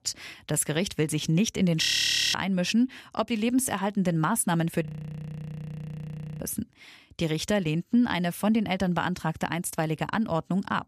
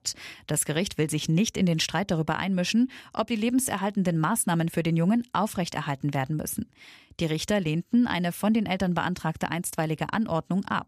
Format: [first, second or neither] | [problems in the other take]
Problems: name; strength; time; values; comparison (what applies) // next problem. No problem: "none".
second | audio freezing; at 2 s for 0.5 s and at 5 s for 1.5 s